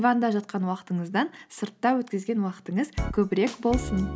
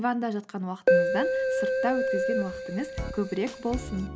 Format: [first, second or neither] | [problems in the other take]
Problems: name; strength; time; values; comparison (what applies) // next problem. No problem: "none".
first | background sound (Keyboard (musical)); 4 dB above the speech